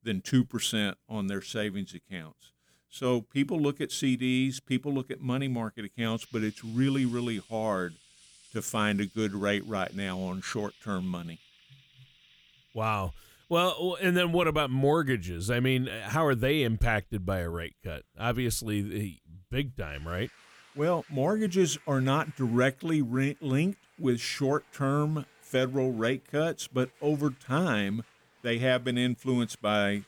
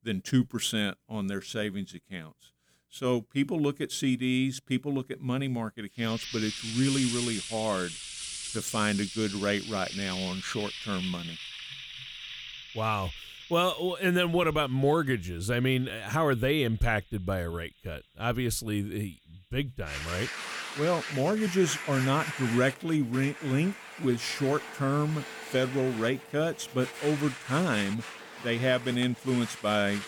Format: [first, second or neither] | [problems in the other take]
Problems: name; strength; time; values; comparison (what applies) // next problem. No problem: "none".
first | household noises; loud; from 6 s on; 8 dB below the speech; faint in the first